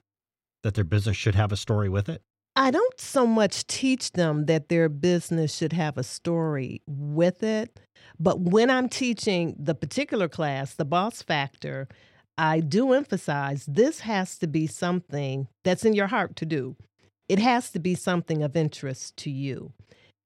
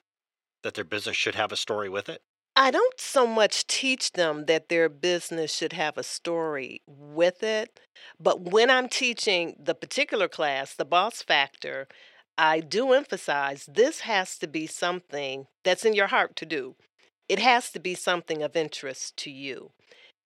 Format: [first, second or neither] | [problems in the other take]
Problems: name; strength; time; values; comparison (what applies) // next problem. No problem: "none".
first | thin; very; fading below 500 Hz